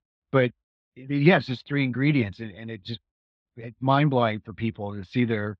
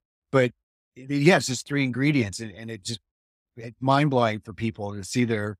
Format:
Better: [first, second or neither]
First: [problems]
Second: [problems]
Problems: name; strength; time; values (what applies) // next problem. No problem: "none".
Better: second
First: muffled; slightly; fading above 3.5 kHz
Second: none